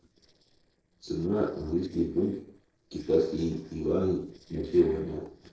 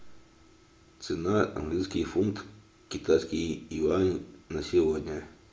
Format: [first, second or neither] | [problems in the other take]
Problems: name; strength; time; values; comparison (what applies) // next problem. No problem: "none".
second | noise reduction (neural separator model SepFormer DNS4)